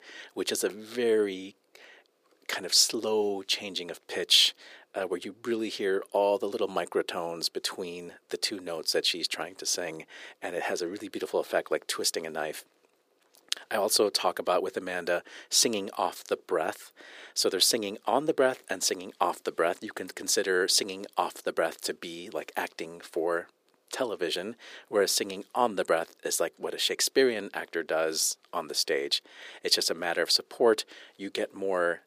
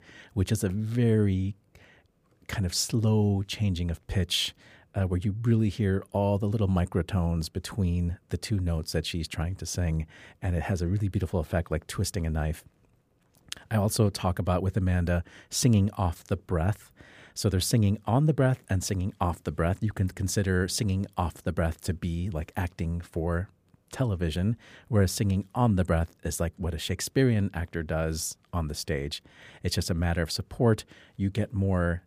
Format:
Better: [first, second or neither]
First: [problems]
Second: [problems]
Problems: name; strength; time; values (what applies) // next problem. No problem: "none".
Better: second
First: thin; very; fading below 350 Hz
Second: none